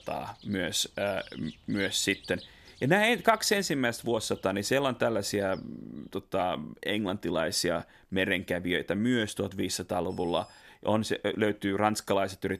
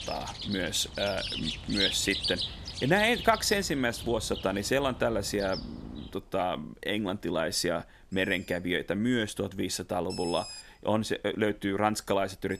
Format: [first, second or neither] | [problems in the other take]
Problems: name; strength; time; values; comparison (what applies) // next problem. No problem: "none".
first | animal sounds; loud; throughout; 6 dB below the speech; faint in the first